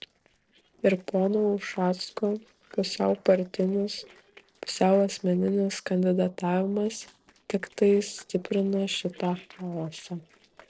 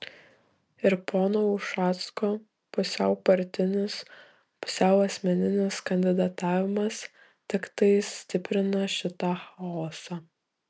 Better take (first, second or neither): second